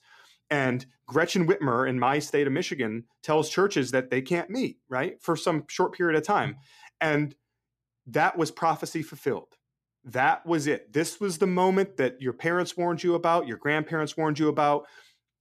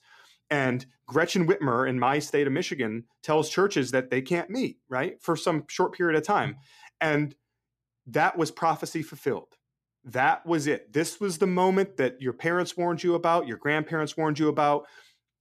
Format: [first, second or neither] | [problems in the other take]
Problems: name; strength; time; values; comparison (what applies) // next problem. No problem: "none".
neither | none